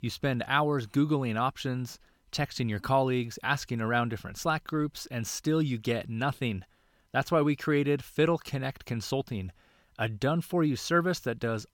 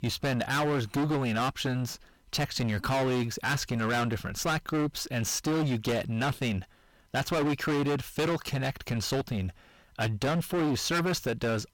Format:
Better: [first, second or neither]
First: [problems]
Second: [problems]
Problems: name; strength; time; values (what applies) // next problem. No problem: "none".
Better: first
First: none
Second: distortion; heavy; 23% of the sound clipped